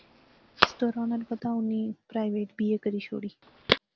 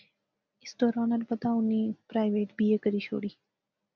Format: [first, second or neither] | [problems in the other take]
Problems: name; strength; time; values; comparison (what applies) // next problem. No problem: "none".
second | background sound (Telephone); 2 dB below the speech